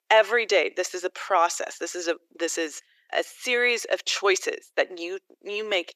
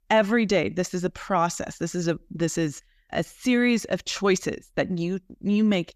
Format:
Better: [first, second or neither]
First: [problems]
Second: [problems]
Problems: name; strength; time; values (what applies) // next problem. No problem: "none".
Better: second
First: thin; very; fading below 400 Hz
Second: none